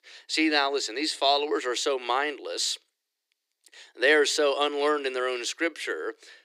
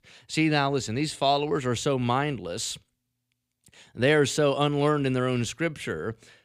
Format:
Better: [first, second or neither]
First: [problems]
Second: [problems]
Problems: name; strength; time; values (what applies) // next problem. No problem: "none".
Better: second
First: thin; very; fading below 300 Hz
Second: none